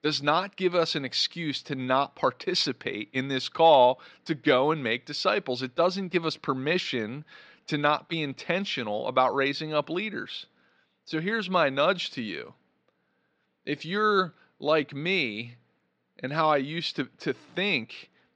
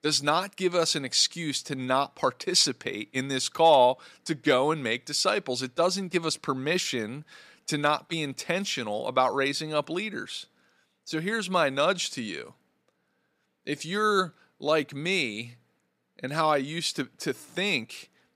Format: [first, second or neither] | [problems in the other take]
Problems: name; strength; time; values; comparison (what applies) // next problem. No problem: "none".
second | muffled; very slightly; fading above 4.5 kHz